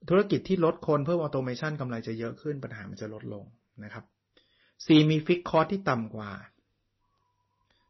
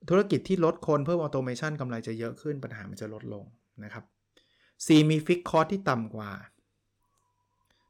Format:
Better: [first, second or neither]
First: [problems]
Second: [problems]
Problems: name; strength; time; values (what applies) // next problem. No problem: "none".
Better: second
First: garbled, watery; slightly; nothing above 6 kHz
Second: none